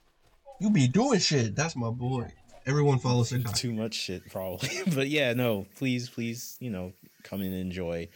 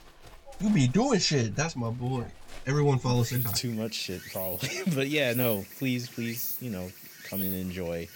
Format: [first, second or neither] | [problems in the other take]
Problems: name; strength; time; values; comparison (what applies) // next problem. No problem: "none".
first | animal sounds; loud; throughout; 7 dB below the speech; faint in the first